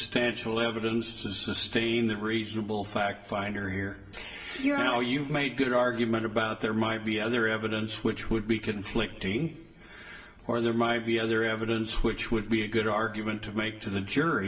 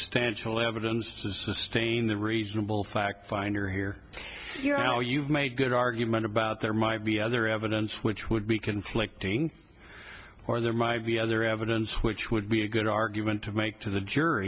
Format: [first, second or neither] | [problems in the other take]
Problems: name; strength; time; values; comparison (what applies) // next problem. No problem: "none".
second | room echo; dies away in 2 s